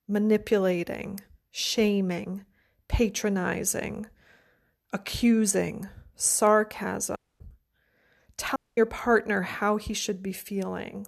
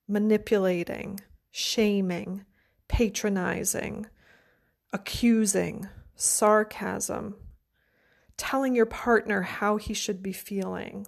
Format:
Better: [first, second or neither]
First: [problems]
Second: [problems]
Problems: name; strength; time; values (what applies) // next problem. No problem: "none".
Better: second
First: audio cutting out; at 7 s and at 8.5 s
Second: none